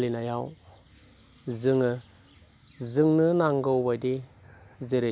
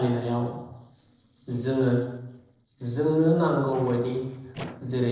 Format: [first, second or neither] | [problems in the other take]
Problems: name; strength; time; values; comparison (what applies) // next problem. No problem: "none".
first | noise reduction (neural separator model SepFormer DNS4)